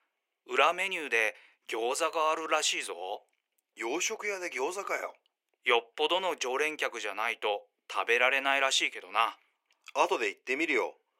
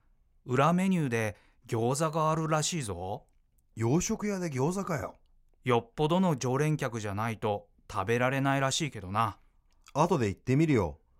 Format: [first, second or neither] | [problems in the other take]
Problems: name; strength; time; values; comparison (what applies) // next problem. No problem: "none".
second | thin; very; fading below 350 Hz